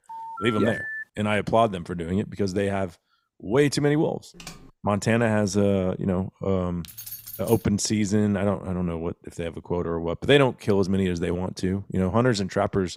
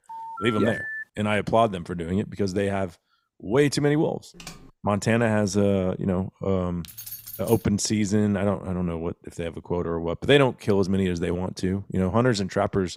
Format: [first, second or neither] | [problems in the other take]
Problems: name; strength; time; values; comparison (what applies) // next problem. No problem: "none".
neither | phone ringing; noticeable; at the start; peak 6 dB below the speech; the same in both // keyboard typing; faint; at 4.5 s; peak 15 dB below the speech; the same in both // jangling keys; faint; at 7 s; peak 10 dB below the speech; the same in both